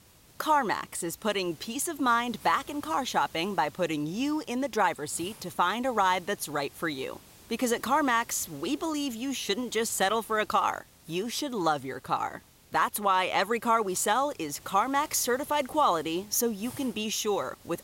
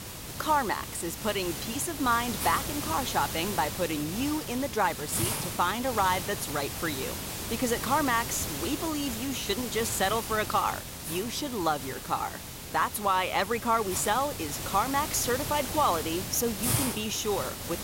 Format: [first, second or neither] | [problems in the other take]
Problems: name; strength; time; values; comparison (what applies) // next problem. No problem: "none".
first | hiss; loud; throughout; 5 dB below the speech; faint in the first